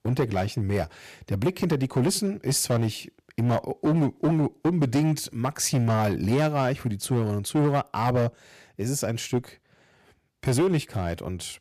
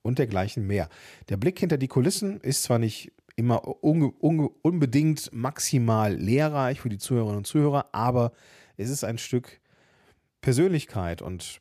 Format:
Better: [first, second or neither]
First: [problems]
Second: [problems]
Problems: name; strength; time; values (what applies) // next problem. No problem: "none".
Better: second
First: distortion; slight; 8% of the sound clipped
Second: none